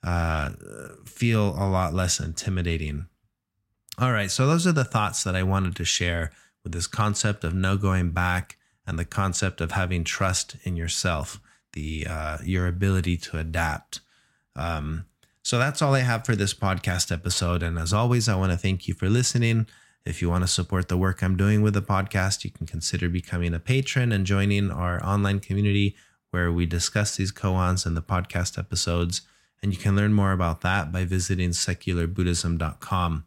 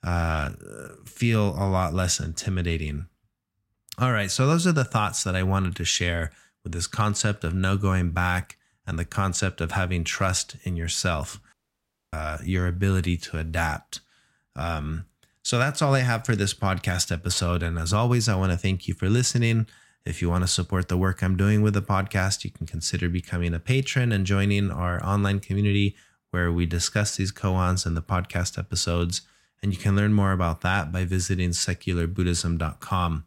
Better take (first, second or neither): first